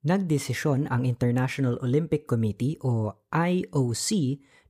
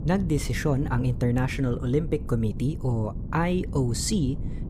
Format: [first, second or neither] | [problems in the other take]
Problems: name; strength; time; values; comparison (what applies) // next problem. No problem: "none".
first | wind noise on the microphone; occasional gusts; 15 dB below the speech